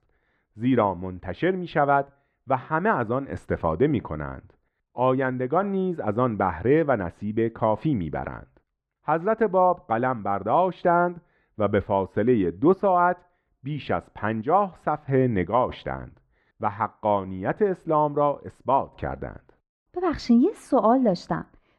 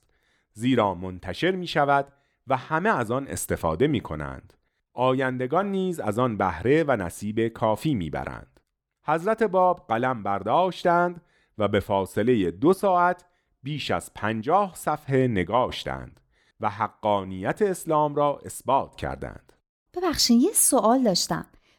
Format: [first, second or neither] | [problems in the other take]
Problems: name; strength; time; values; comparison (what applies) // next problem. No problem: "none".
second | muffled; very; fading above 2 kHz